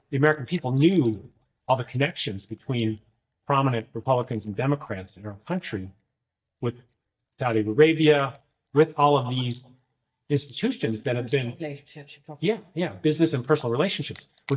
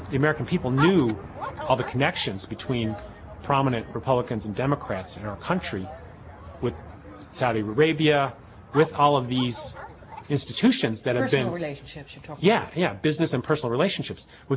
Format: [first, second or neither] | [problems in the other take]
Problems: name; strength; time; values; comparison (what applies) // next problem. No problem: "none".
second | noise reduction (neural mask model DeepFilterNet 3)